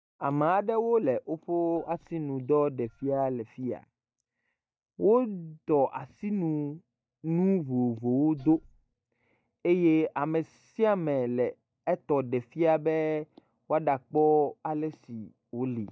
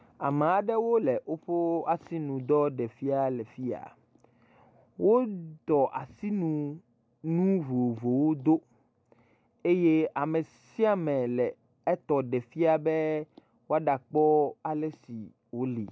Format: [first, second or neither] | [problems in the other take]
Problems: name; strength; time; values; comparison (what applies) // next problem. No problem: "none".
second | noise reduction (neural mask model DeepFilterNet 3)